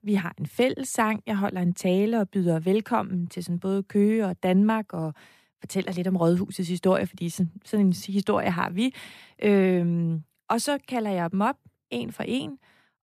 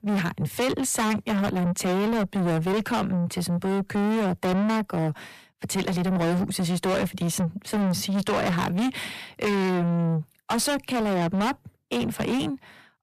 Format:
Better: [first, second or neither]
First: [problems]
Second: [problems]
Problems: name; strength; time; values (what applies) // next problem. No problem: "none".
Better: first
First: none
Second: distortion; heavy; 5 dB below the speech